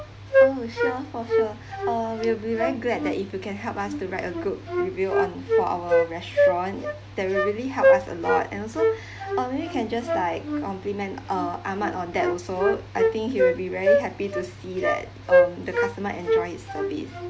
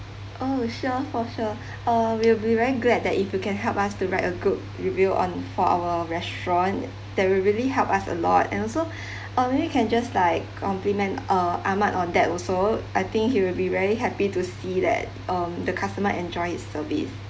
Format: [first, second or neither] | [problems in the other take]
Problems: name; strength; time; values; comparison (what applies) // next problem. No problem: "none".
second | background sound (Wind instrument, woodwind instrument); 3 dB above the speech